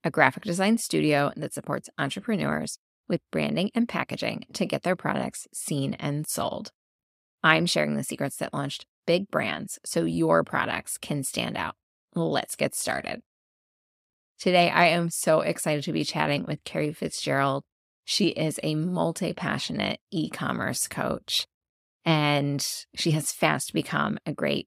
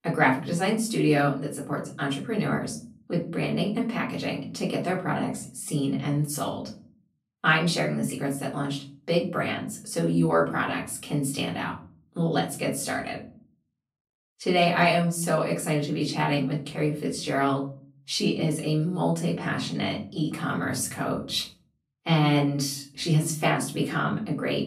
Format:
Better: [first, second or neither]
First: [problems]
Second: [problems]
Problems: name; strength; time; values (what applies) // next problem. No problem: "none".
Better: first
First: none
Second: room echo; slight; dies away in 0.5 s // off-mic speech; far